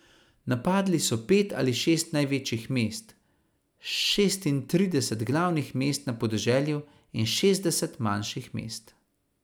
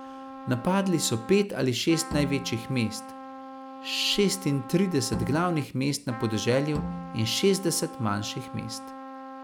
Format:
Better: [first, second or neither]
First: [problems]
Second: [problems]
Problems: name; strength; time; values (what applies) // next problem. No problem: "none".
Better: first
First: none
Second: background sound (Trumpet + Bowed string instrument); 11 dB below the speech